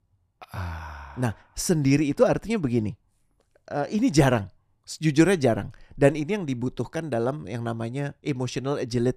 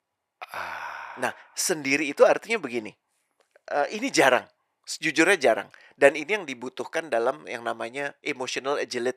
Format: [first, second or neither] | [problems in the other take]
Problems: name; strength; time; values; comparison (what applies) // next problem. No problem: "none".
first | thin; very; fading below 550 Hz